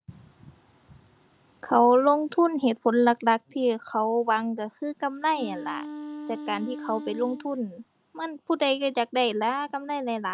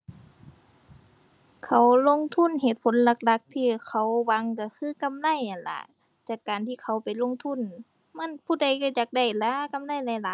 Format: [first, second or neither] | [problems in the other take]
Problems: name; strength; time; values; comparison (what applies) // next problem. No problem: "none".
second | background sound (Wind instrument, woodwind instrument); 12 dB below the speech